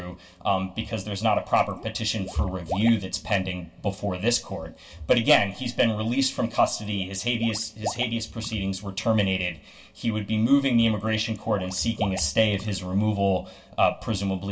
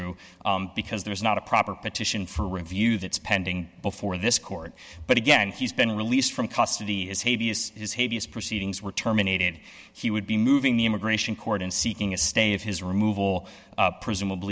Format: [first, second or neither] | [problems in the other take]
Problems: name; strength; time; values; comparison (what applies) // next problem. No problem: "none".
second | background sound (Water / Liquid); 16 dB below the speech // room echo; dies away in 0.2 s